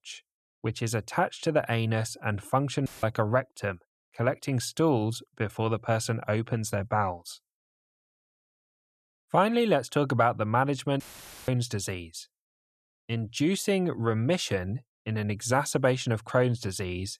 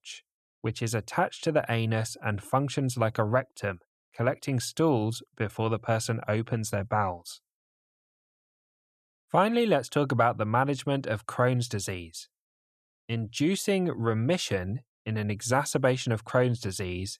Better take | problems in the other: second | audio cutting out; filled with static; at 3 s and at 11 s

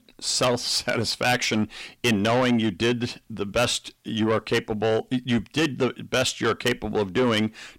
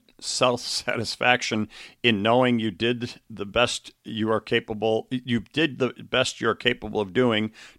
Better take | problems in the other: second | distortion; heavy; 7 dB below the speech

